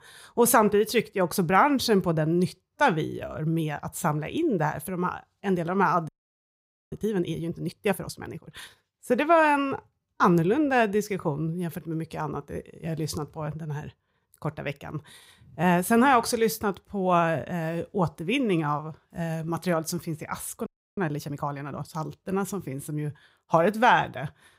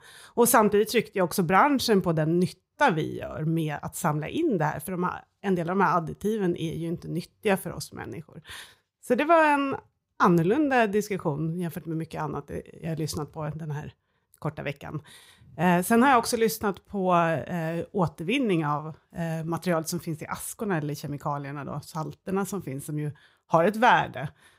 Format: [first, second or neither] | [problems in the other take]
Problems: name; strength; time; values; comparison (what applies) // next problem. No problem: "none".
second | audio freezing; at 6 s for 1 s and at 21 s